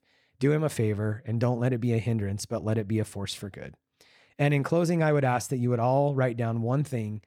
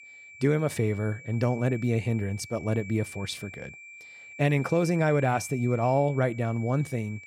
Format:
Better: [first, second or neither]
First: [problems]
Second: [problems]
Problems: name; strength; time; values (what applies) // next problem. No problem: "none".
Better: first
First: none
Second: high-pitched whine; noticeable; throughout; 2.5 kHz, 15 dB below the speech